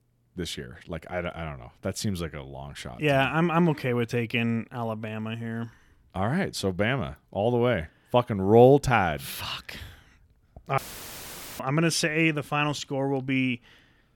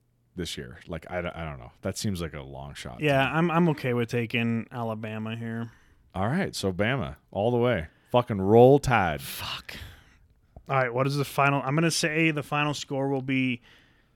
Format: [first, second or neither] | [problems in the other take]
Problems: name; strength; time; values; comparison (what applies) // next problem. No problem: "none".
second | audio cutting out; filled with static; at 11 s for 1 s